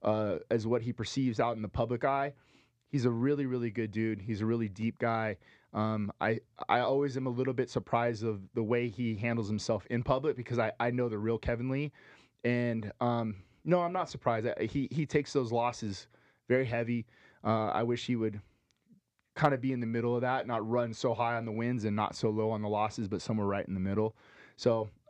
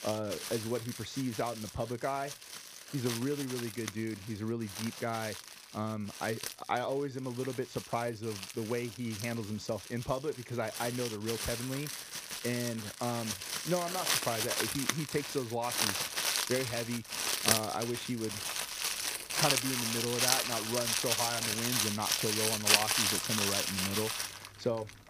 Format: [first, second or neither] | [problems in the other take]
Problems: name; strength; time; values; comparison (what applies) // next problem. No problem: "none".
first | household noises; very loud; throughout; 4 dB above the speech